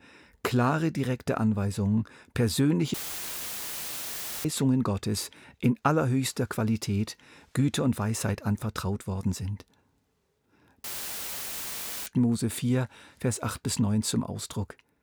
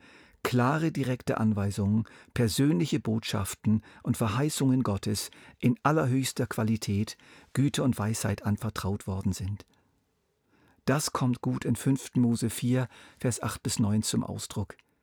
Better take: second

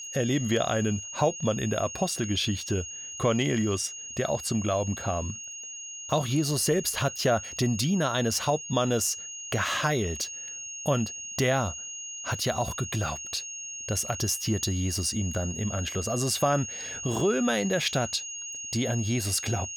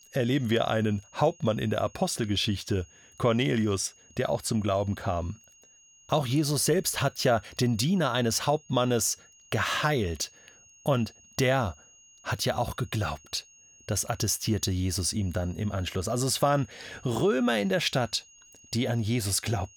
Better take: second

